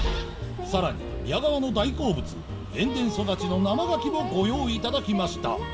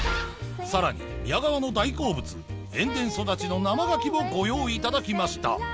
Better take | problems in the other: second | background sound (Subway, metro, underground); 15 dB below the speech // room echo; dies away in 2.1 s

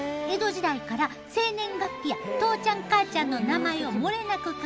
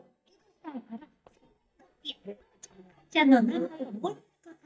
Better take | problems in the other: first | noise reduction (neural mask model DeepFilterNet 3)

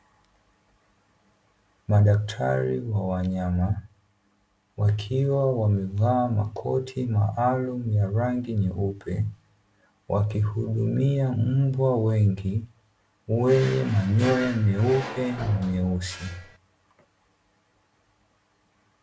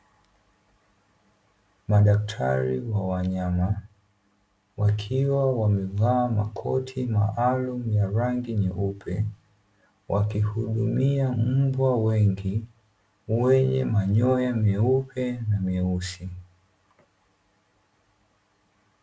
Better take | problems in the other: second | background sound (Drawer open or close); 11 dB below the speech

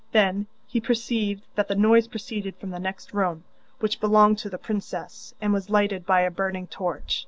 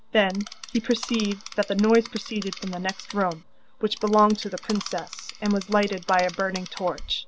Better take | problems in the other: first | background sound (Insect); 15 dB below the speech

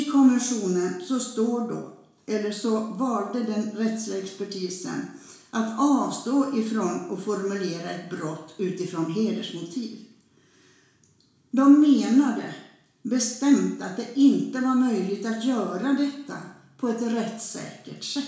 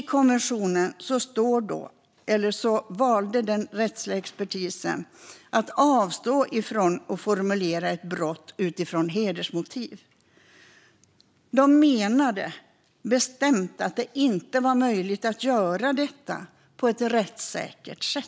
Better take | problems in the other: second | room echo; dies away in 0.7 s

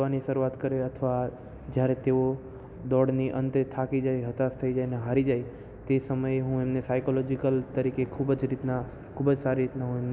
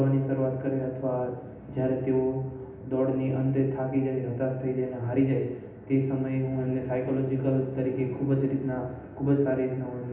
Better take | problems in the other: first | room echo; dies away in 0.8 s

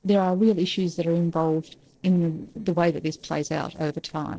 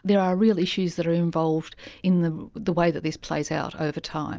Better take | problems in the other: second | noise reduction (neural separator model SepFormer DNS4)

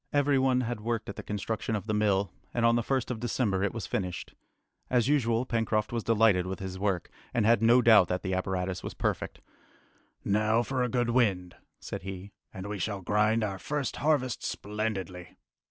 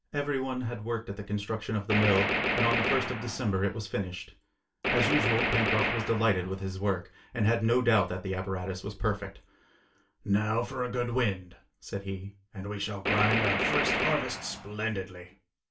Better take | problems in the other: first | background sound (Gunshot, gunfire); as loud as the speech // room echo; dies away in 0.2 s

